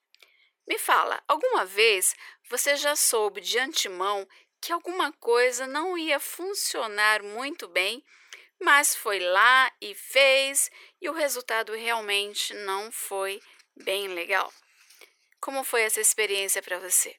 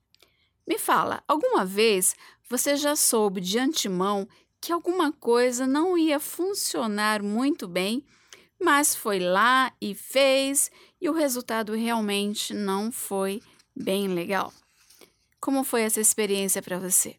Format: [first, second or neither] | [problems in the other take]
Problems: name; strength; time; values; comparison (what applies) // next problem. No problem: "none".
second | thin; very; fading below 450 Hz